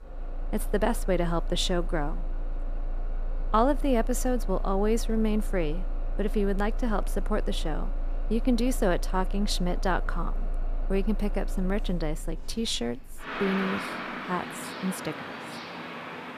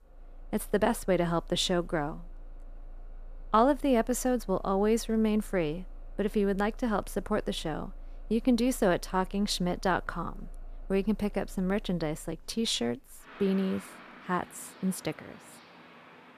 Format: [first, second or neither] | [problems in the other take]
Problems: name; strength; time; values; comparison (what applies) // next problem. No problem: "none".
second | traffic noise; loud; throughout; 6 dB below the speech; faint in the second